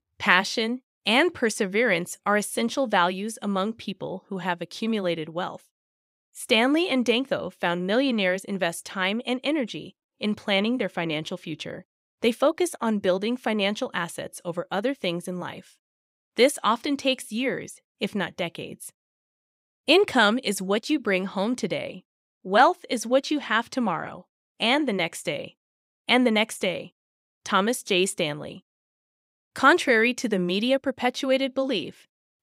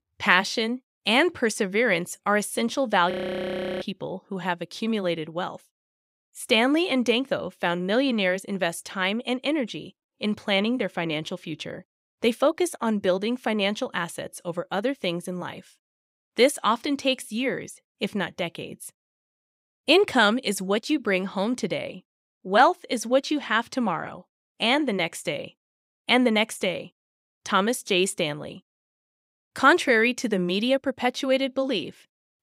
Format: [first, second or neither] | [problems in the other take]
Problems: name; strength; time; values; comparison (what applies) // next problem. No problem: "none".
first | audio freezing; at 3 s for 0.5 s